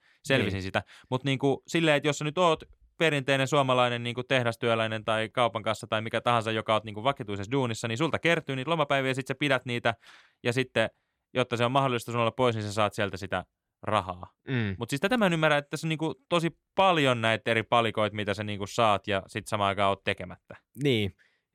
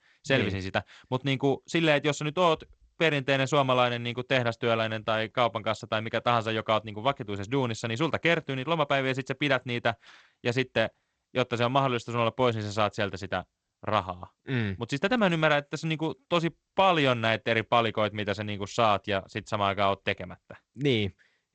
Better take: first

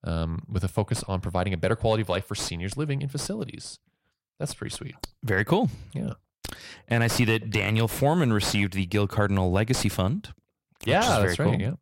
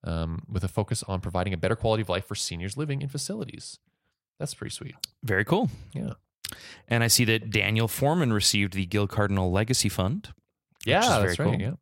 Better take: second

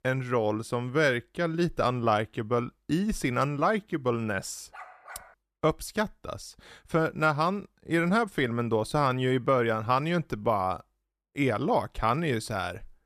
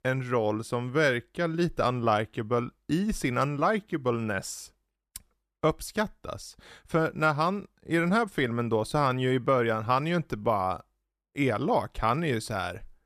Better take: second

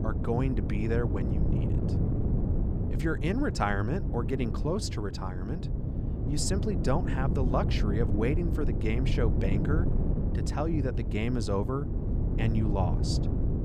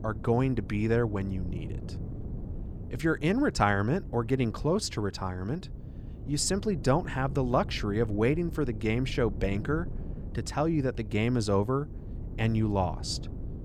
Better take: second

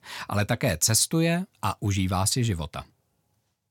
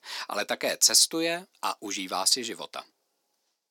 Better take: first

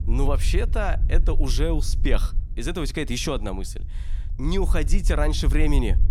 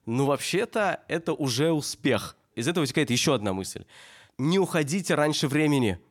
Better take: second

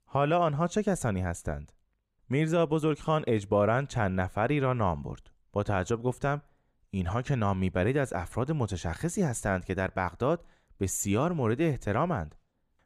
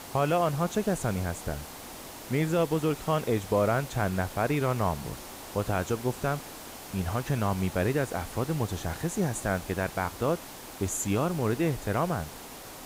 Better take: first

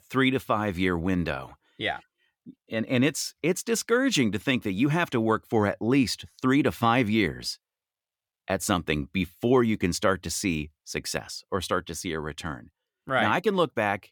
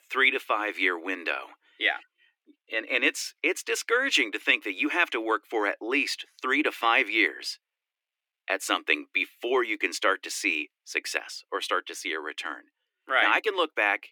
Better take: first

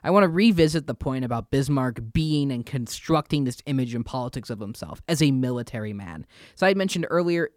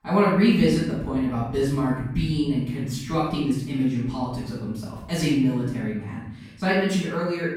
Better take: first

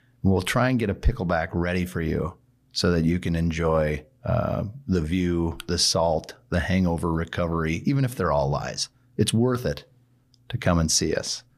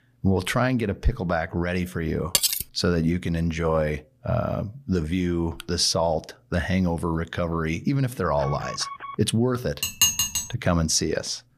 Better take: first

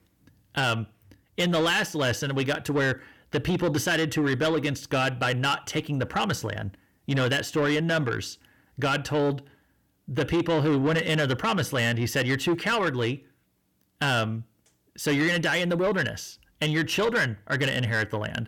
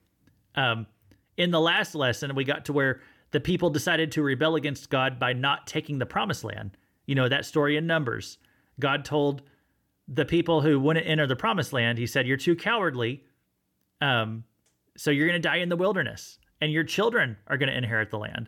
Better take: second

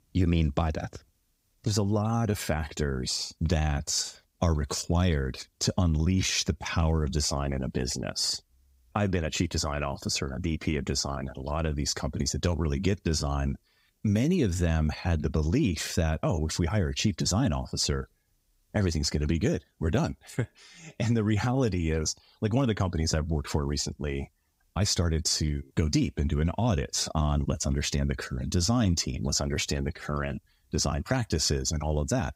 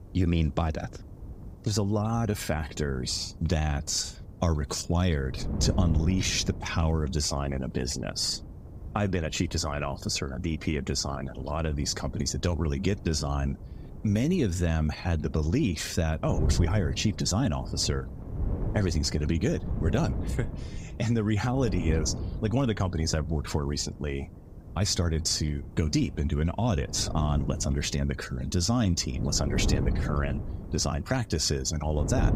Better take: first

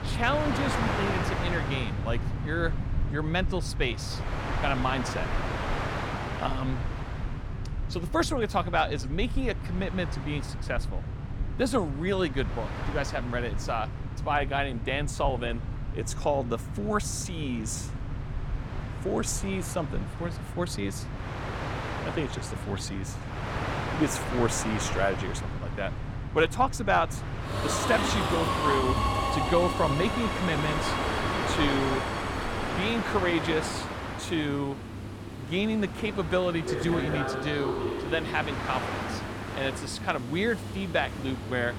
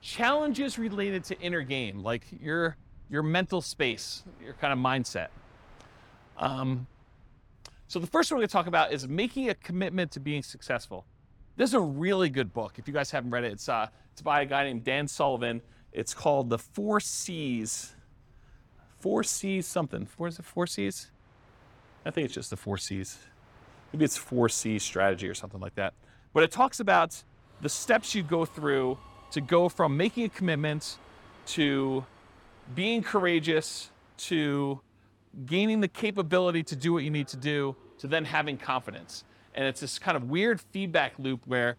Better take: second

